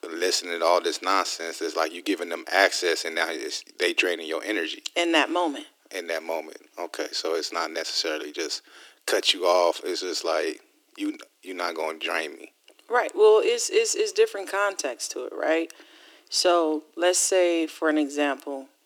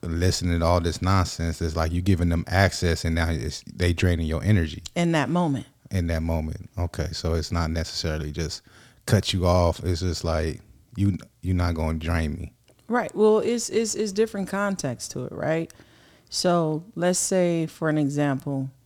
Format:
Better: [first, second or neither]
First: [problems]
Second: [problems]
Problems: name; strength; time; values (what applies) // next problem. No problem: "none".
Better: second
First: thin; very; fading below 300 Hz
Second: none